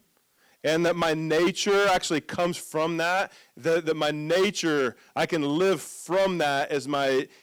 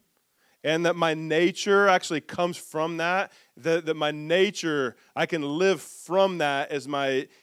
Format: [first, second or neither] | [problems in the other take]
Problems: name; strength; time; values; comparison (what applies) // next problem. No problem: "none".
second | distortion; heavy; 11% of the sound clipped